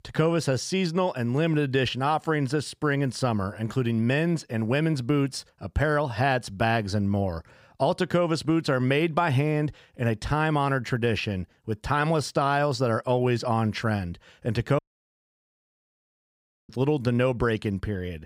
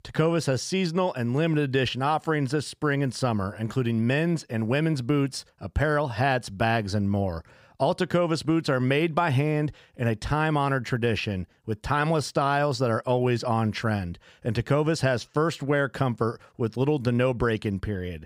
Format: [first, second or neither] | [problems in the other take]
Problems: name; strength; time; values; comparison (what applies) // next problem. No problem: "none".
second | audio cutting out; at 15 s for 2 s